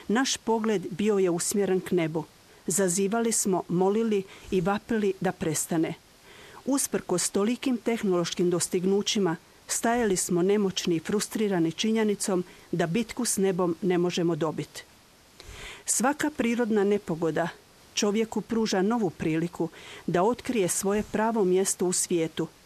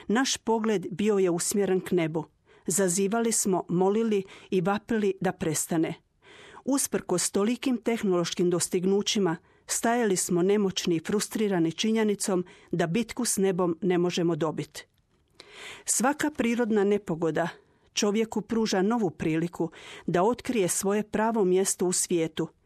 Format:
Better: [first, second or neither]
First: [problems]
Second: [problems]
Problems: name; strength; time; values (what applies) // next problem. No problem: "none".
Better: second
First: hiss; faint; throughout; 25 dB below the speech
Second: none